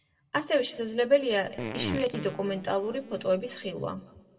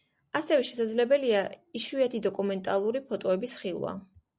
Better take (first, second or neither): second